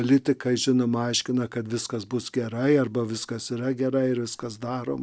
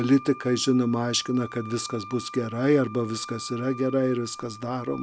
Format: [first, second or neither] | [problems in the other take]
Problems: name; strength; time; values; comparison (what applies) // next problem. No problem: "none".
first | background sound (Wind instrument, woodwind instrument); 16 dB below the speech